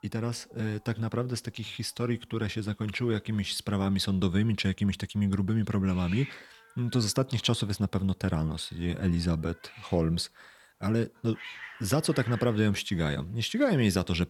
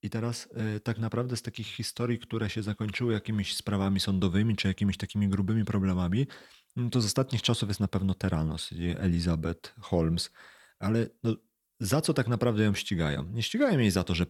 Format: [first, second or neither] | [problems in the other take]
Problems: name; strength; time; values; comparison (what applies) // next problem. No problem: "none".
second | hiss; noticeable; throughout; 20 dB below the speech